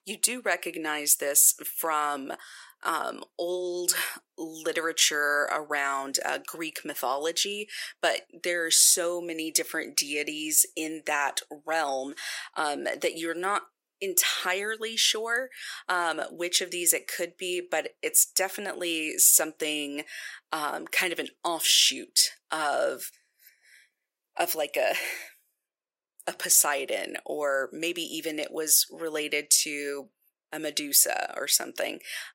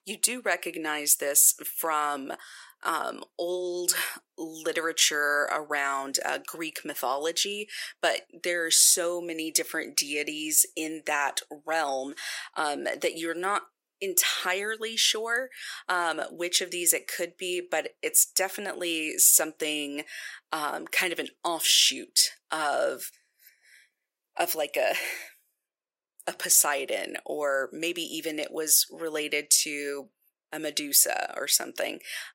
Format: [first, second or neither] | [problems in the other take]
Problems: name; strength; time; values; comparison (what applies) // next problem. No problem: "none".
neither | thin; somewhat; fading below 400 Hz; the same in both